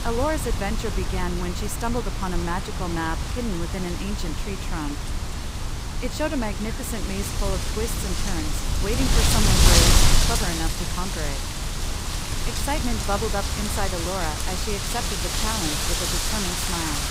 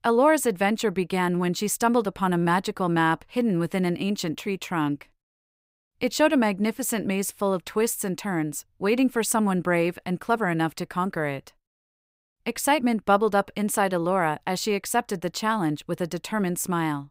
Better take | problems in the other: second | wind noise on the microphone; heavy; 3 dB above the speech

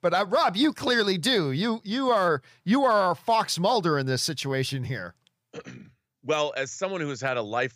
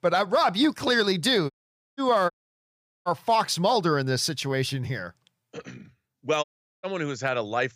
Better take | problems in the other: first | audio cutting out; at 1.5 s, at 2.5 s for 1 s and at 6.5 s

